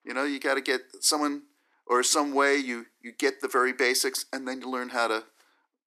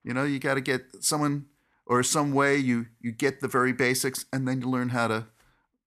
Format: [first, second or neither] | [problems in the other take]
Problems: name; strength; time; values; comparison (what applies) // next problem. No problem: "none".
second | thin; very slightly; fading below 300 Hz